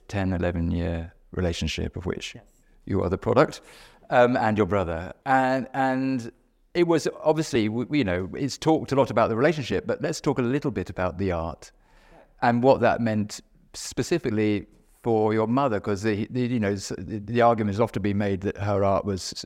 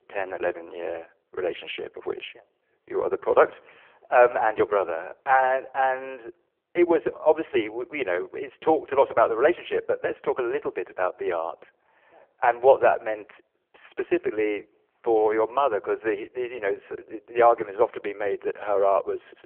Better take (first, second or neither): first